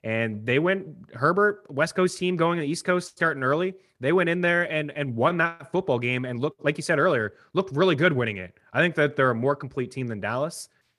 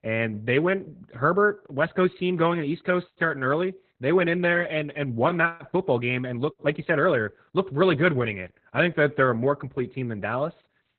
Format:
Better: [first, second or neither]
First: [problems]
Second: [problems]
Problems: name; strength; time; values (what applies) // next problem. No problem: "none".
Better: first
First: none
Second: garbled, watery; badly; nothing above 3.5 kHz